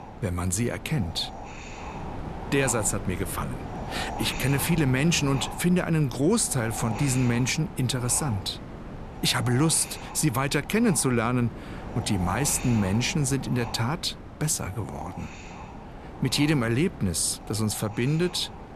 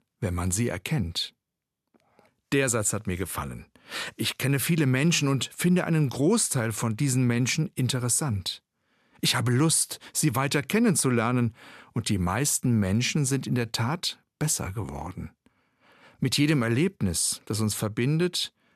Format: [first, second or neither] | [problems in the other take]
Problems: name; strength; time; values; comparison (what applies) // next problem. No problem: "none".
second | wind noise on the microphone; occasional gusts; 10 dB below the speech